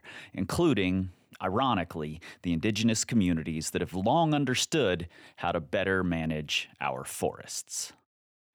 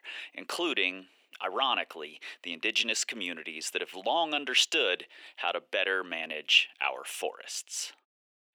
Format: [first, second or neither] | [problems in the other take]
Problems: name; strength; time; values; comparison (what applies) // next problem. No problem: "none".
first | thin; very; fading below 350 Hz